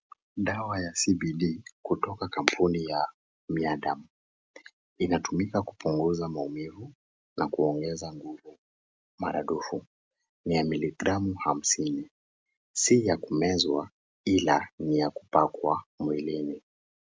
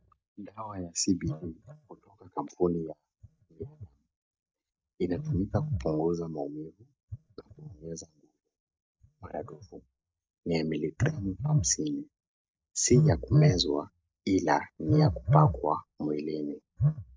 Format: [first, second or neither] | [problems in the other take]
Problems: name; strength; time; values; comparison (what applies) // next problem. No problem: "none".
first | noise reduction (neural mask model DeepFilterNet 3)